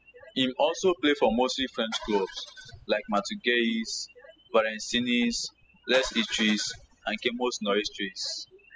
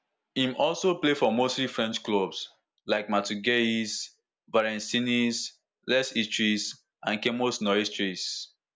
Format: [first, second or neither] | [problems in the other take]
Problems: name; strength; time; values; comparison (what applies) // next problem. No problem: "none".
second | noise reduction (classical method spectral subtraction)